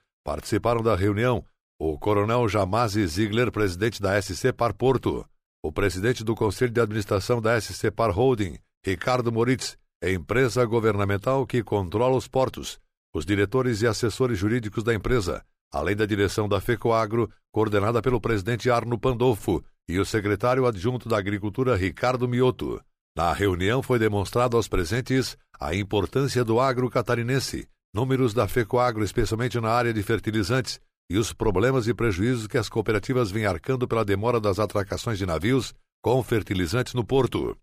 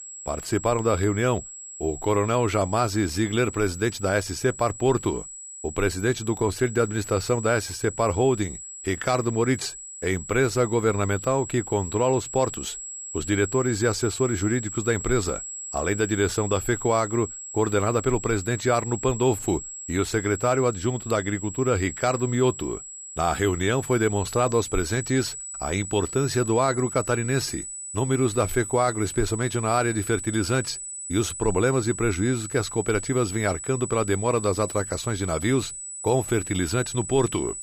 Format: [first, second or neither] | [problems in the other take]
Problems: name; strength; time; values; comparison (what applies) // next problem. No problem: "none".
first | high-pitched whine; loud; throughout; 7.5 kHz, 9 dB below the speech